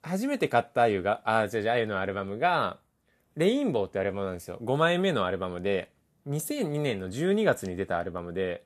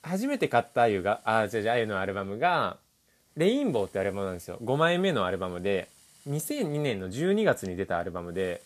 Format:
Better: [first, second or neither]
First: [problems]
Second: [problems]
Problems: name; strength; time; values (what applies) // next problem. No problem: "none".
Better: first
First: none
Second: hiss; faint; throughout; 30 dB below the speech